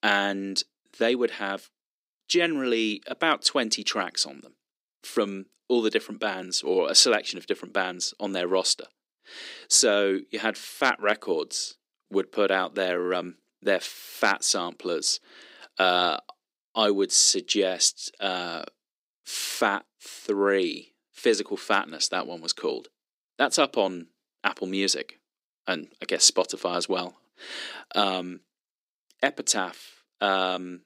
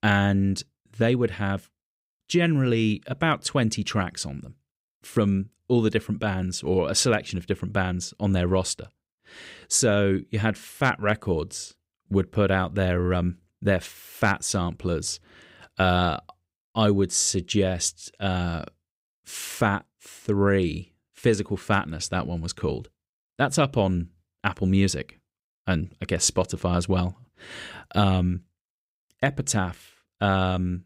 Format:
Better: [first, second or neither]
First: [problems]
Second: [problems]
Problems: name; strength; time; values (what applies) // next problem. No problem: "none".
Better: second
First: thin; somewhat; fading below 250 Hz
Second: none